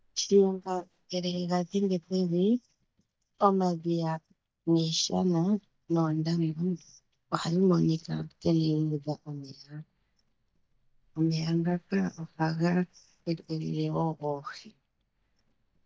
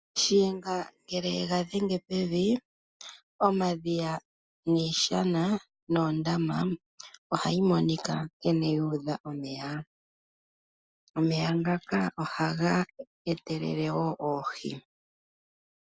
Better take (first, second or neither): second